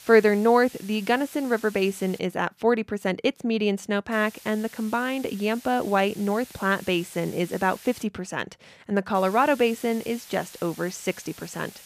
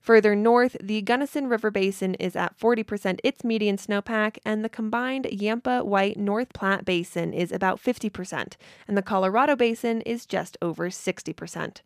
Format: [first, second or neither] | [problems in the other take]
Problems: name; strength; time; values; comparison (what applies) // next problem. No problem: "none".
second | hiss; noticeable; until 2 s, from 4 to 8 s and from 9 s on; 20 dB below the speech